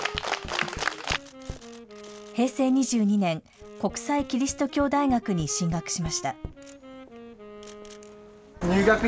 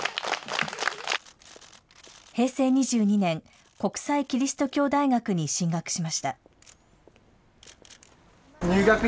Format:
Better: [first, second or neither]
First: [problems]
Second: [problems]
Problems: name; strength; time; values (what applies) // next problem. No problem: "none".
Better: second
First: background sound (Tap + Wind instrument, woodwind instrument); 15 dB below the speech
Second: none